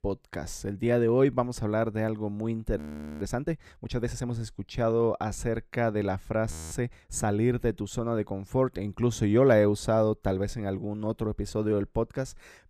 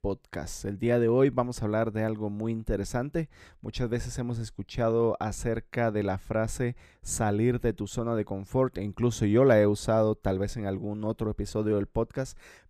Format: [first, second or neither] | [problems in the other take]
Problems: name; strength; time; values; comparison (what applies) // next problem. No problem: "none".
second | audio freezing; at 3 s and at 6.5 s